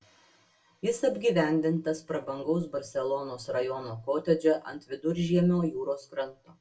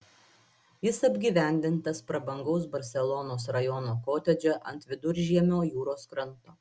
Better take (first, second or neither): second